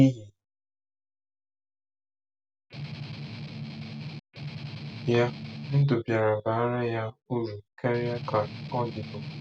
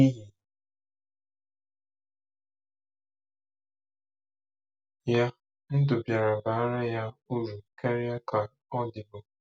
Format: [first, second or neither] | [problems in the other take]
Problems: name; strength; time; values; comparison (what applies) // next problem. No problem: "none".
second | background sound (Strum); 8 dB below the speech